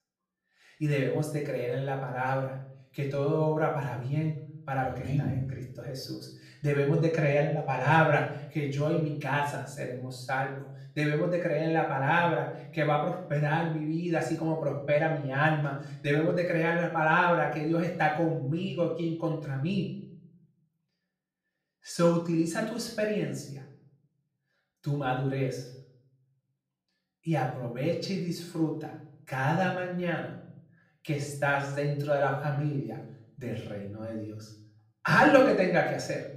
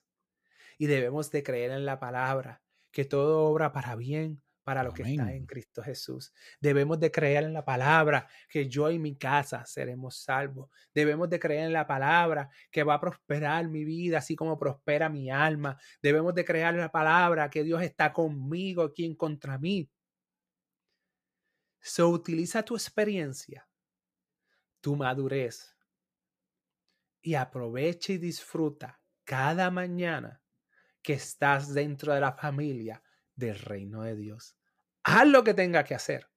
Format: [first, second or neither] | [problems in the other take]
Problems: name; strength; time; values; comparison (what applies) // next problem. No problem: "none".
second | off-mic speech; far // room echo; slight; dies away in 0.6 s